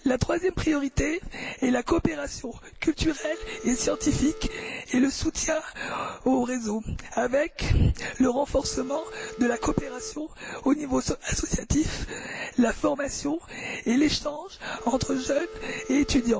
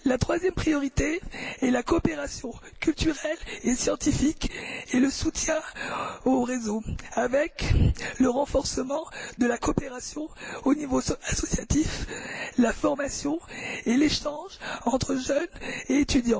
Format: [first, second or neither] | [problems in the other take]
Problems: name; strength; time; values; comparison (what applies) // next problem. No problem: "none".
second | background sound (Telephone); 14 dB below the speech